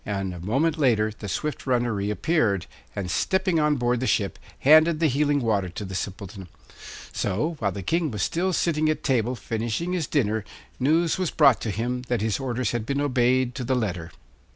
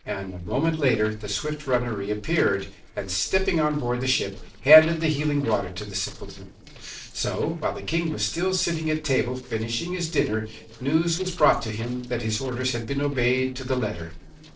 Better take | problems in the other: first | noise reduction (neural separator model SepFormer DNS4)

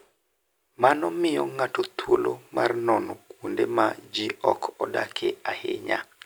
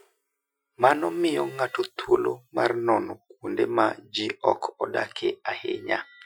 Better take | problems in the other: first | noise reduction (classical method Wiener filter)

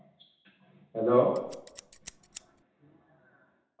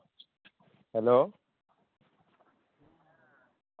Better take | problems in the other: second | background sound (Scissors); 18 dB below the speech // room echo; dies away in 0.9 s

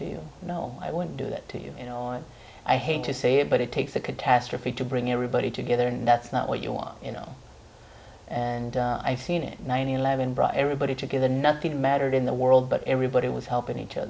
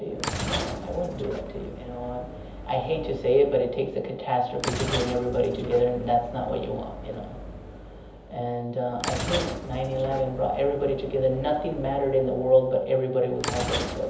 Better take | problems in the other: first | background sound (Sliding door / Train); 8 dB below the speech // room echo; dies away in 0.7 s

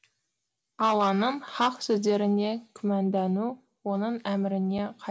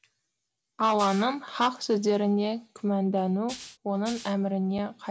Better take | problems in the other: first | background sound (Rattle (instrument)); 15 dB below the speech

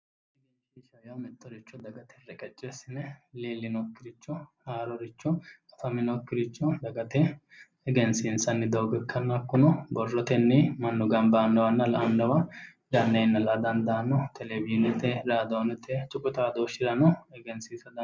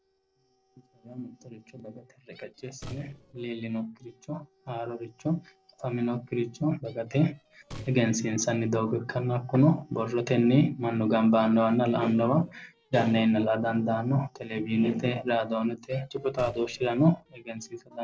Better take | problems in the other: first | noise reduction (neural separator model SepFormer DNS4)

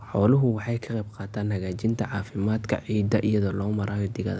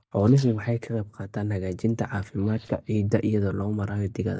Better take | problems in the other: first | noise reduction (neural mask model DeepFilterNet 3)

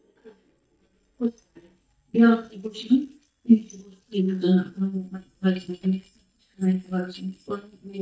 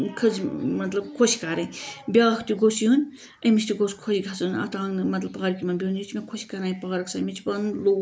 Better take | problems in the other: second | noise reduction (neural mask model DeepFilterNet 3)

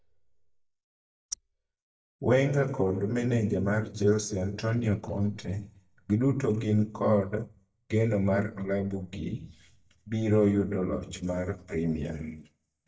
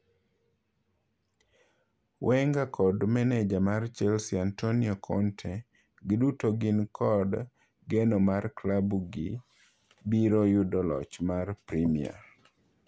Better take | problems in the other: second | noise reduction (neural mask model DeepFilterNet 3)

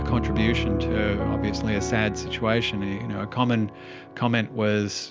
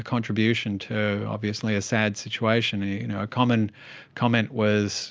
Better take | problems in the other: second | background sound (Piano); 4 dB below the speech

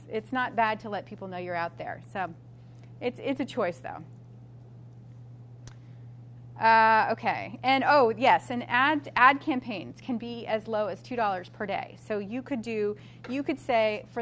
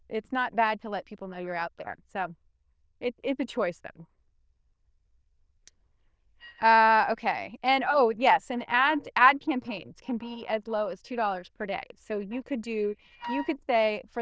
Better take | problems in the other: first | noise reduction (neural diffusion model UNIVERSE++)

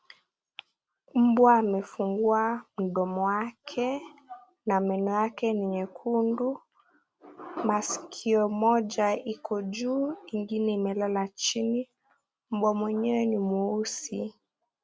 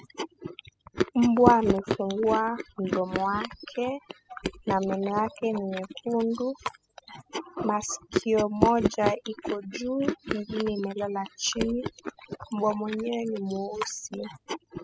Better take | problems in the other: first | noise reduction (classical method spectral subtraction)

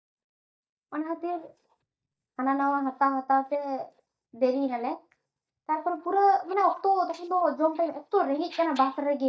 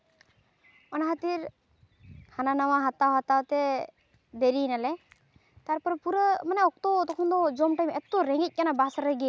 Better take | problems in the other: second | noise reduction (neural mask model DeepFilterNet 3)

